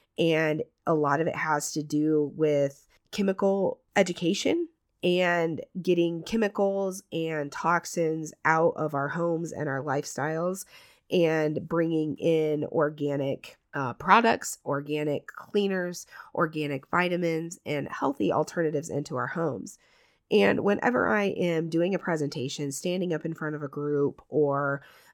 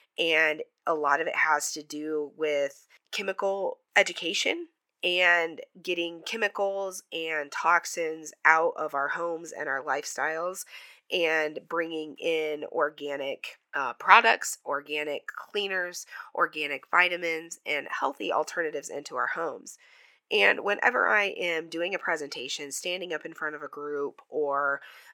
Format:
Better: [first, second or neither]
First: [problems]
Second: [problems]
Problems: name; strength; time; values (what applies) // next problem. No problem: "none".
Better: first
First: none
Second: thin; very; fading below 550 Hz